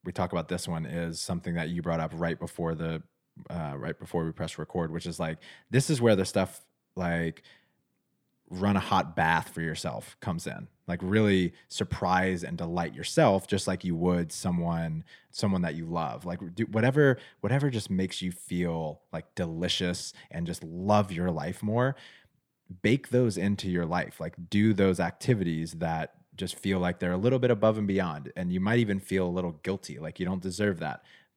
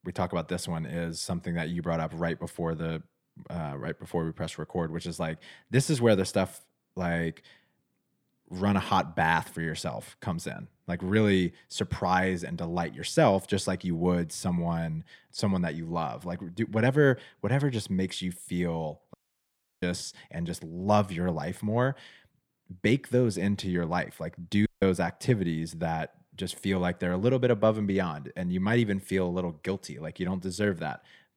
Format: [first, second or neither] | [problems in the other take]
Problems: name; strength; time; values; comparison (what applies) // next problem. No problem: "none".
first | audio cutting out; at 19 s for 0.5 s and at 25 s